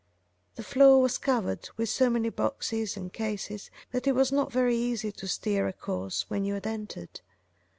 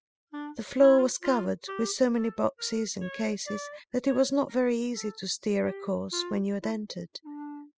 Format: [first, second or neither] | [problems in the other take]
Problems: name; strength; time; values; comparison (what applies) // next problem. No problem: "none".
first | noise reduction (classical method spectral subtraction)